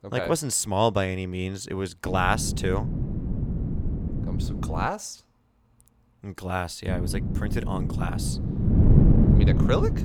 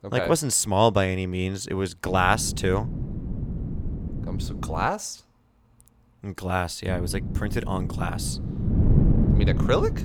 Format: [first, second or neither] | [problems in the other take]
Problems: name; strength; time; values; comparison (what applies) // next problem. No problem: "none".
second | wind noise on the microphone; heavy; from 2 to 5 s and from 7 s on; 6 dB below the speech; occasional gusts in the second